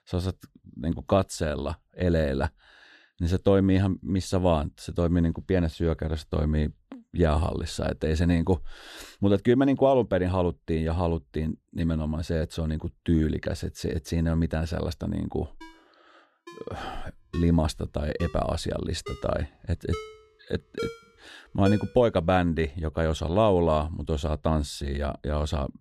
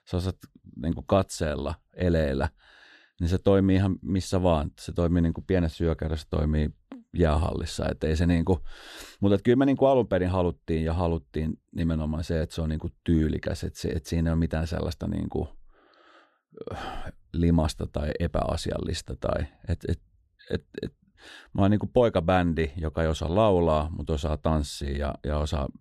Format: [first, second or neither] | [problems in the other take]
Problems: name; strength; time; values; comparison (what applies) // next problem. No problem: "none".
second | phone ringing; noticeable; from 16 to 22 s; peak 8 dB below the speech